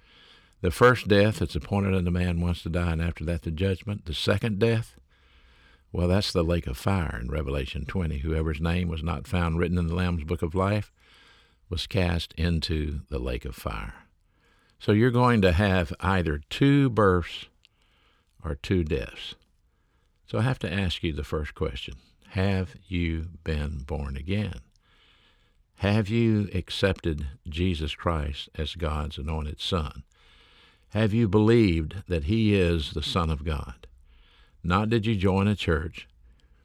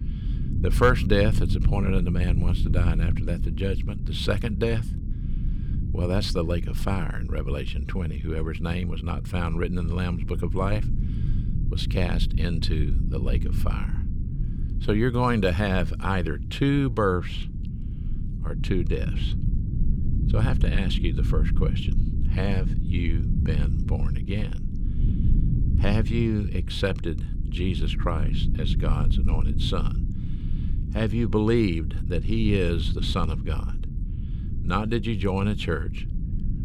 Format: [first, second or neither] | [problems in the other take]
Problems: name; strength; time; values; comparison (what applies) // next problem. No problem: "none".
first | low rumble; noticeable; throughout; 10 dB below the speech